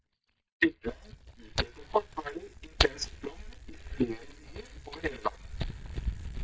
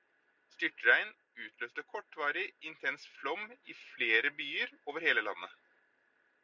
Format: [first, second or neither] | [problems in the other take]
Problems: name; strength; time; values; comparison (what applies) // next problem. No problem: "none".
second | noise reduction (neural mask model DeepFilterNet 3)